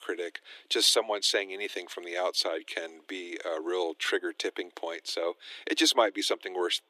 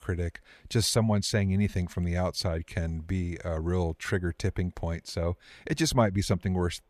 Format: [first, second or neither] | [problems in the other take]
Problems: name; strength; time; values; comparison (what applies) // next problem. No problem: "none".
second | thin; very; fading below 300 Hz